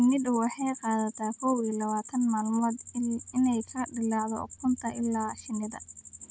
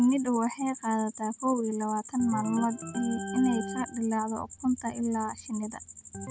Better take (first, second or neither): first